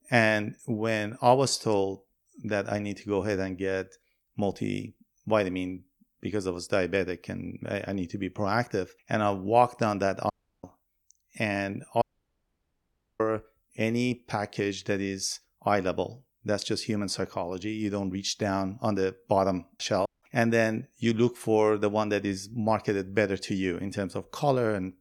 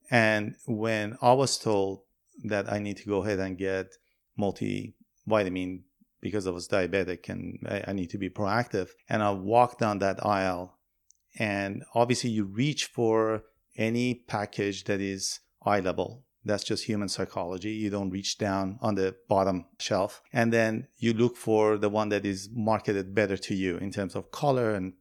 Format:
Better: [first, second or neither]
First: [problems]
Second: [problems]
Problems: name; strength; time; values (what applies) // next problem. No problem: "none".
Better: second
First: audio cutting out; at 10 s, at 12 s for 1 s and at 20 s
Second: none